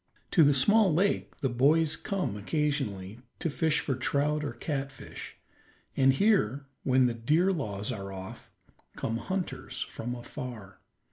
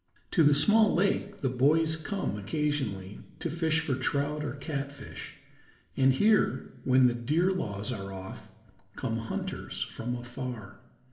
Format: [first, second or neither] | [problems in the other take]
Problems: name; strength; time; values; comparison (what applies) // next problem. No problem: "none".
first | room echo; dies away in 1.2 s